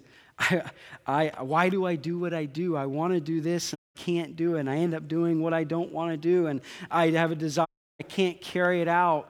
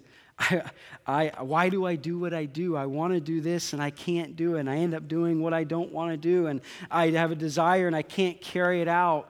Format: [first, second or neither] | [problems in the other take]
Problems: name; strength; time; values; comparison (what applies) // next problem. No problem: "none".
second | audio cutting out; at 4 s and at 7.5 s